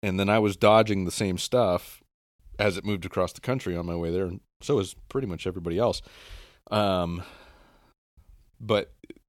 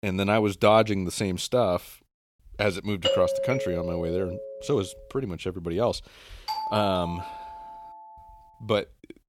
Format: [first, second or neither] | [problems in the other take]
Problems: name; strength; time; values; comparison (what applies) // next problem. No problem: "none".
first | doorbell; loud; from 3 to 4.5 s; peak 2 dB above the speech // doorbell; noticeable; from 6.5 to 8 s; peak 5 dB below the speech